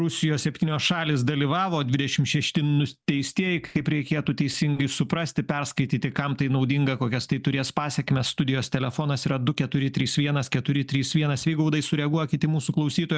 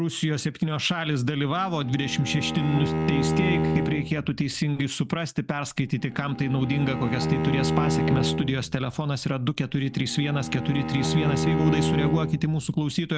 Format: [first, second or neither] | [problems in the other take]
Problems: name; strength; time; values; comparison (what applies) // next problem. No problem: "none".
first | background sound (Bowed string instrument); 2 dB below the speech